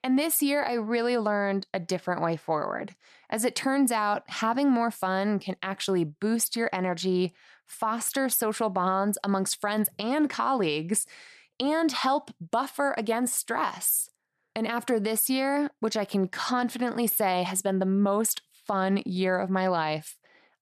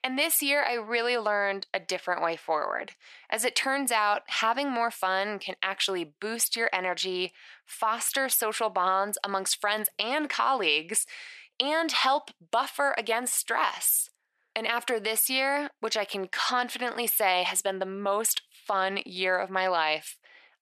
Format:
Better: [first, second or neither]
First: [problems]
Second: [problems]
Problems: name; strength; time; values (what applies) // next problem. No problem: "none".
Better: first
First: none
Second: thin; somewhat; fading below 500 Hz